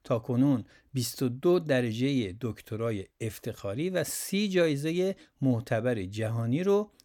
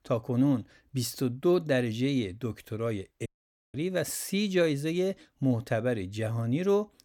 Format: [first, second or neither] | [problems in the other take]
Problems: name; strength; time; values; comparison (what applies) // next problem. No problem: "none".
first | audio cutting out; at 3.5 s